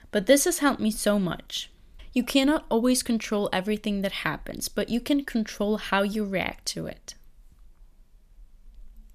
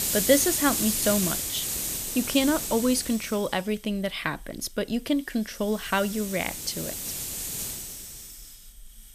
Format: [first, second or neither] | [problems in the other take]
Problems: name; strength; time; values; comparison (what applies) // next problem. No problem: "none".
first | hiss; loud; throughout; 2 dB below the speech